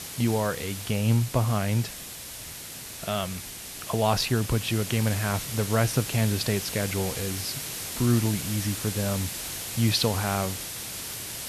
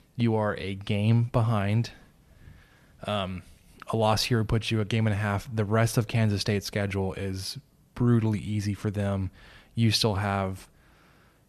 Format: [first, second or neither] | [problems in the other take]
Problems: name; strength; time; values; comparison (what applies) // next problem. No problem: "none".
second | hiss; loud; throughout; 6 dB below the speech